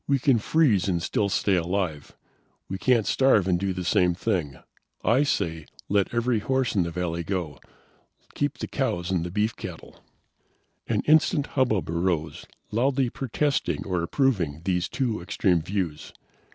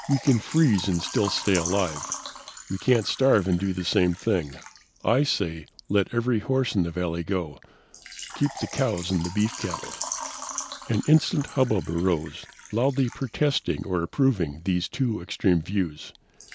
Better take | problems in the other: first | background sound (Water / Liquid); 14 dB below the speech

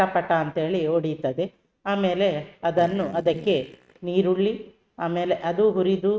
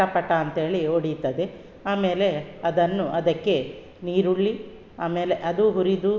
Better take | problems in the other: second | noise reduction (neural mask model RNNoise)

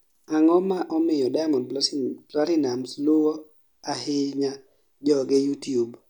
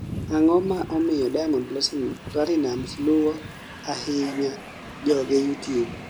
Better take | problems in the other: first | background sound (Train); 13 dB below the speech

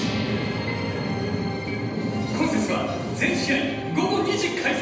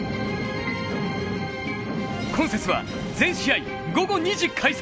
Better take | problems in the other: second | background sound (Gong); 16 dB below the speech // room echo; dies away in 1.1 s

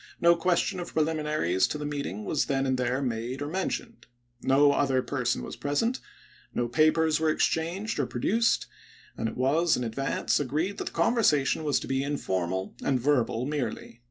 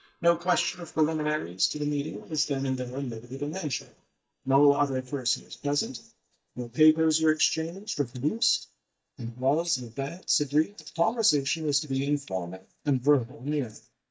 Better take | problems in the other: first | noise reduction (neural mask model DeepFilterNet 3)

